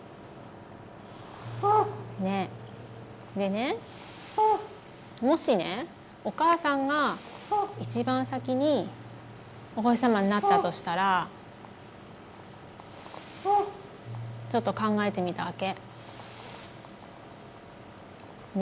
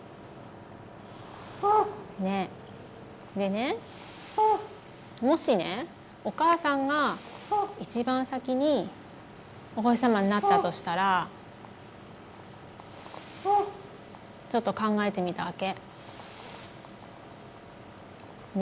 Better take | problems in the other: second | background sound (Keyboard (musical)); 18 dB below the speech

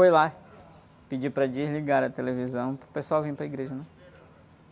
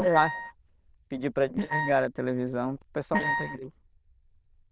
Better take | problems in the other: first | noise reduction (neural diffusion model UNIVERSE++)

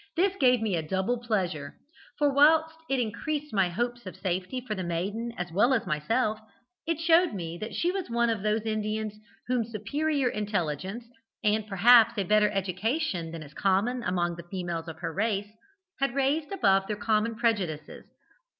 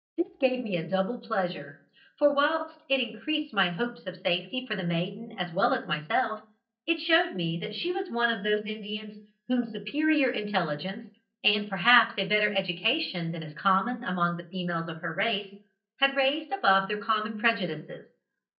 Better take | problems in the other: first | noise reduction (neural mask model DeepFilterNet 3)

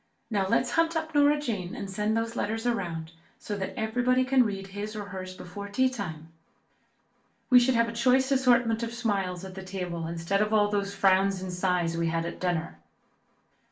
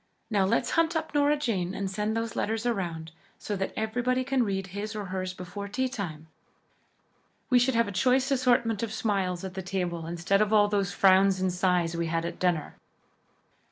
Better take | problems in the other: second | room echo; dies away in 0.3 s

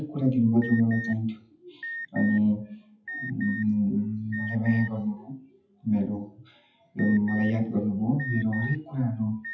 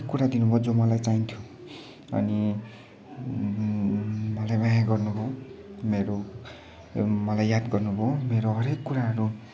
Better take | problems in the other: second | noise reduction (classical method WPE with log-MMSE)

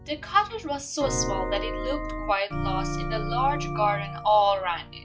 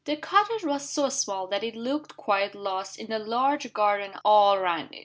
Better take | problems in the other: second | noise reduction (classical method log-MMSE)

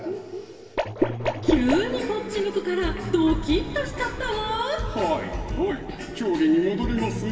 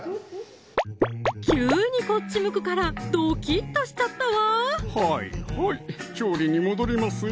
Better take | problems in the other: second | background sound (Vehicle horn, car horn, honking); 12 dB below the speech // room echo; dies away in 2.5 s

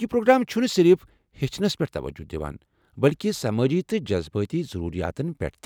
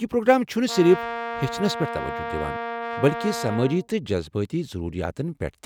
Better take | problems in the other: first | background sound (Brass instrument); 7 dB below the speech

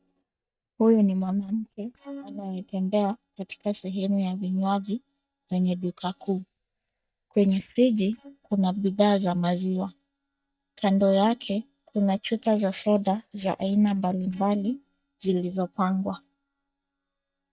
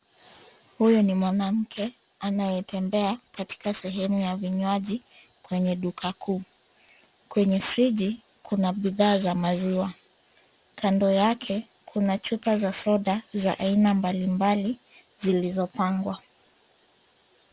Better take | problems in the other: second | noise reduction (neural mask model DeepFilterNet 3)

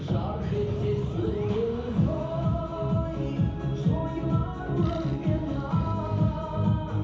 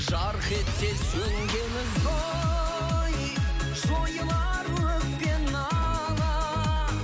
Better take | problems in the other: second | background sound (Accelerating, revving, vroom); 18 dB below the speech // room echo; dies away in 0.9 s

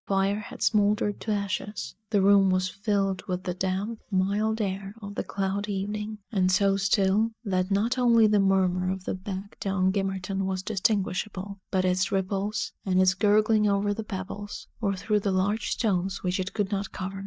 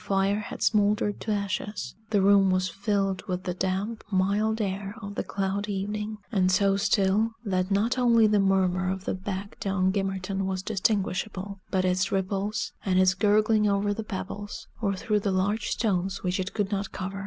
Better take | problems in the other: second | noise reduction (neural mask model DeepFilterNet 3)

